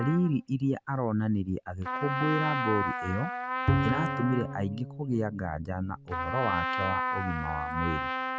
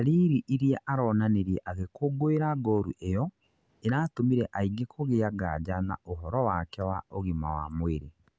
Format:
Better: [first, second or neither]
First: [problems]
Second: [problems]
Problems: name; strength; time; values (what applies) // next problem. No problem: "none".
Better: second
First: background sound (Bowed string instrument + Trumpet); 2 dB below the speech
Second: none